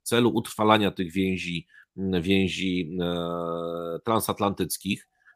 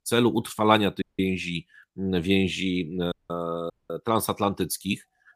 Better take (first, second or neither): first